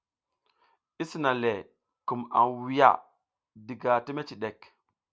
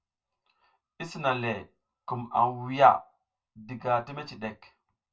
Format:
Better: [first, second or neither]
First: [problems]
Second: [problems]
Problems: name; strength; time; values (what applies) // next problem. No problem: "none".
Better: first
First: none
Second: room echo; dies away in 0.1 s